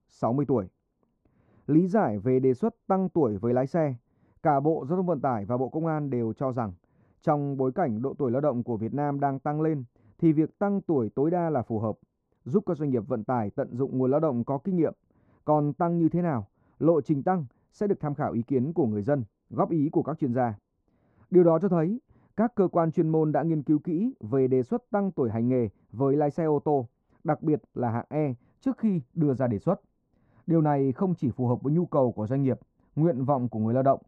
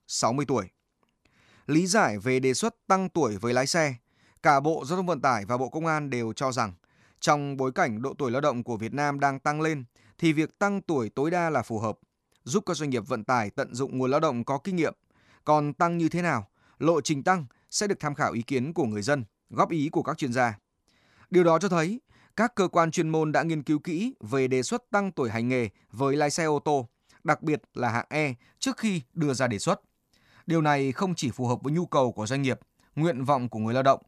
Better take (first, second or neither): second